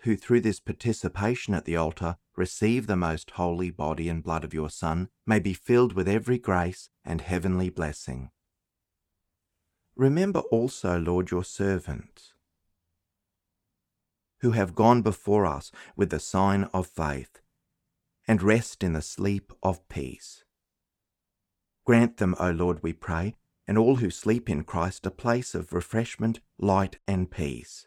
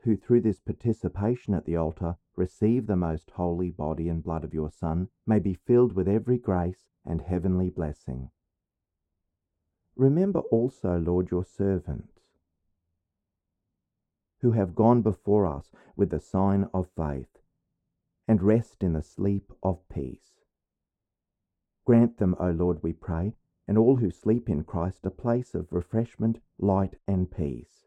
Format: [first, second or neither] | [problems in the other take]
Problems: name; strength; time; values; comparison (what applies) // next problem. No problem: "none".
first | muffled; very; fading above 1 kHz